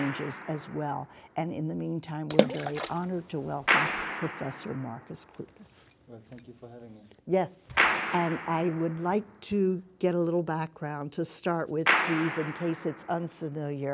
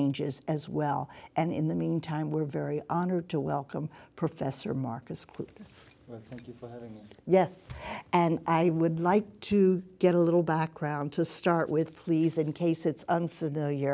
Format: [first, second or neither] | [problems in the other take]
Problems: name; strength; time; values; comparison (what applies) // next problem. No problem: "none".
second | background sound (Water / Splash, splatter + Clapping); 2 dB below the speech